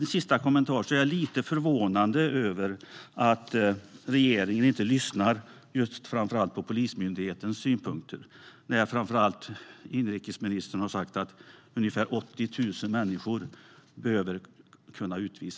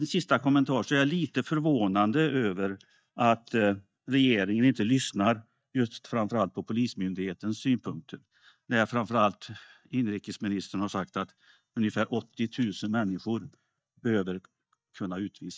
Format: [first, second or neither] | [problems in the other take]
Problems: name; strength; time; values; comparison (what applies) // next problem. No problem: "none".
first | noise reduction (neural mask model DeepFilterNet 3)